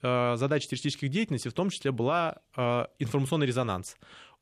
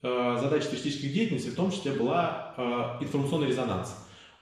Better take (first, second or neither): first